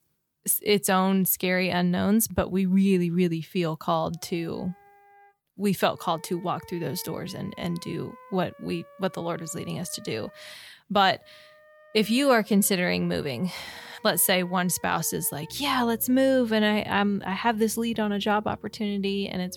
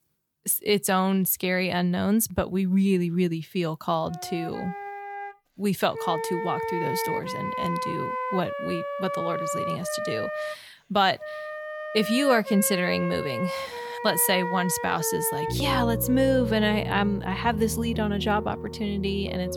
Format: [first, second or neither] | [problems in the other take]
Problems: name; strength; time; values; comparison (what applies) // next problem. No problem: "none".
first | background music; loud; from 4.5 s on; 6 dB below the speech; faint in the first